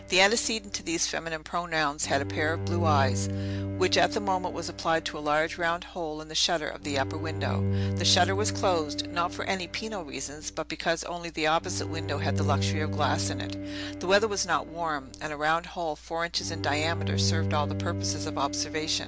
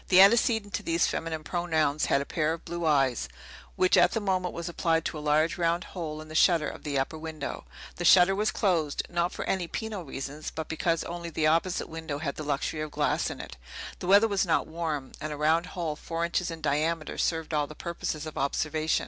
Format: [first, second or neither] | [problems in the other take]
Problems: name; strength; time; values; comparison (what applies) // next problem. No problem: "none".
second | background sound (Bowed string instrument); 4 dB below the speech